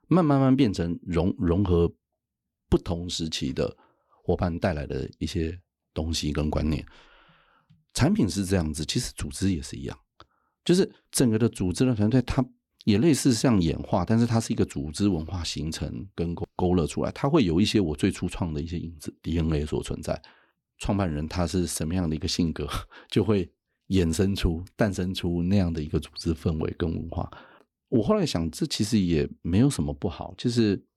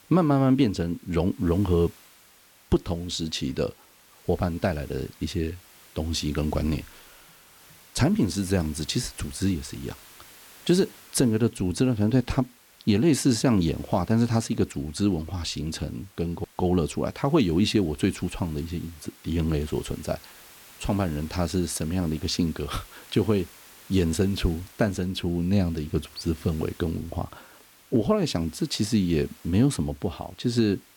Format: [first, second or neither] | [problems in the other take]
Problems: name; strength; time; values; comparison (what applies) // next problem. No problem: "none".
first | hiss; faint; throughout; 25 dB below the speech